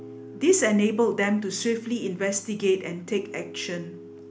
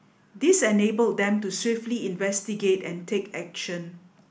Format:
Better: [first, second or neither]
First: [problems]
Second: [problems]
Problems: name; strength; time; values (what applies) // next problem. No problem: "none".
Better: second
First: background sound (Piano); 18 dB below the speech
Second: none